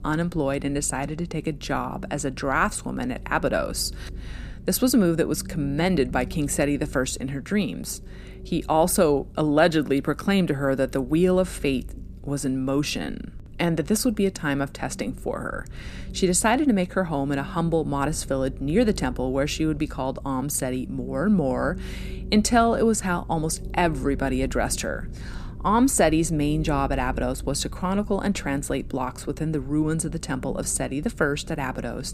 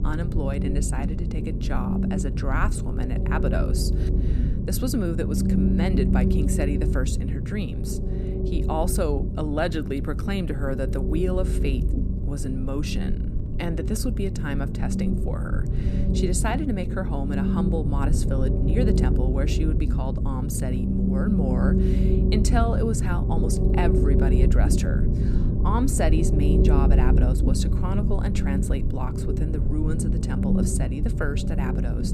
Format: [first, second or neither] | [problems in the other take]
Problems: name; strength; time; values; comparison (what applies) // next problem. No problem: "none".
first | low rumble; loud; throughout; 2 dB below the speech; faint in the first